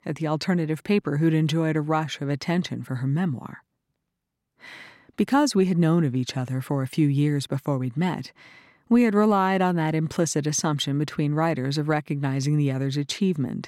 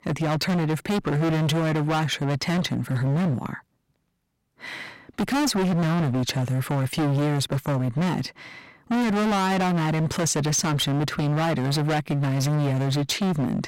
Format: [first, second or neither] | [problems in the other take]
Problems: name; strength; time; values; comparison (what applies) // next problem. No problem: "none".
first | distortion; heavy; 35% of the sound clipped